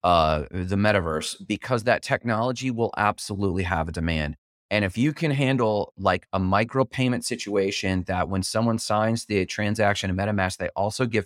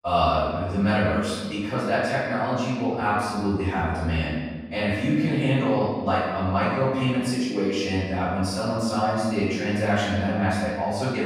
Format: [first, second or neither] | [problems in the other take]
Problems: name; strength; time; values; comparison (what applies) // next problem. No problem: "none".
first | off-mic speech; far // room echo; strong; dies away in 1.3 s